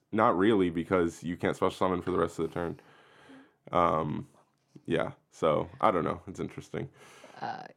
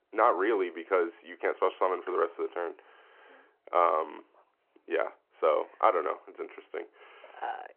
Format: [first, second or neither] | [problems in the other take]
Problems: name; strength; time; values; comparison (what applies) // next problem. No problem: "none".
first | phone-call audio